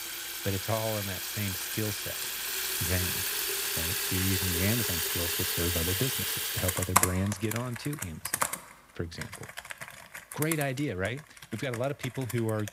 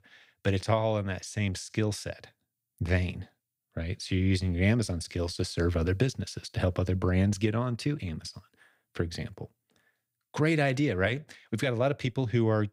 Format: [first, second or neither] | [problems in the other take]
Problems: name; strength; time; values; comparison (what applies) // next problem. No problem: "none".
second | household noises; very loud; throughout; 4 dB above the speech